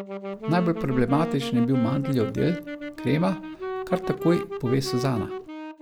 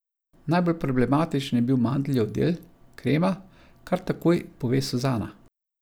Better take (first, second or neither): second